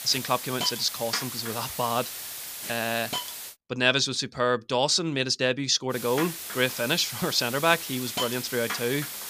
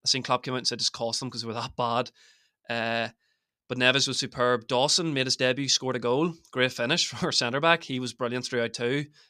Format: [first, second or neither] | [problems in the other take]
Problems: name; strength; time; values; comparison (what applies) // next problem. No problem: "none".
second | hiss; loud; until 3.5 s and from 6 s on; 7 dB below the speech